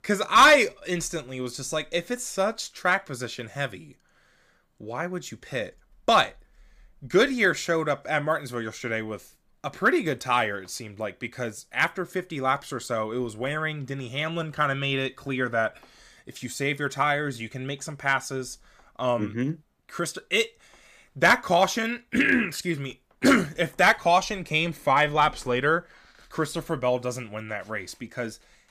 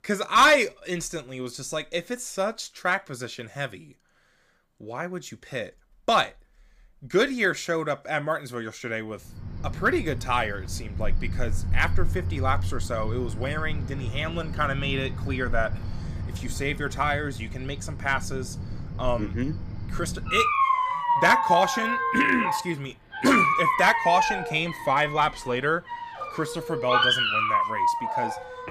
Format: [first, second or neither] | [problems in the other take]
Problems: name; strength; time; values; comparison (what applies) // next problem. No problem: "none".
first | animal sounds; loud; from 9.5 s on; 1 dB below the speech